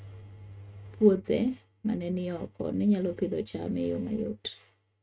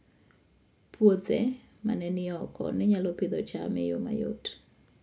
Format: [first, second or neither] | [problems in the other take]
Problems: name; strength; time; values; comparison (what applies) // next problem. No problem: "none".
second | noise reduction (neural mask model RNNoise)